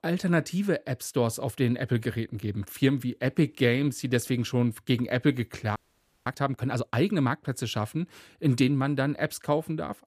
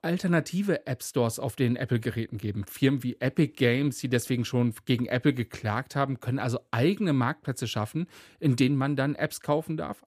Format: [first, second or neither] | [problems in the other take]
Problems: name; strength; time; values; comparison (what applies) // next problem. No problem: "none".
second | audio freezing; at 6 s for 0.5 s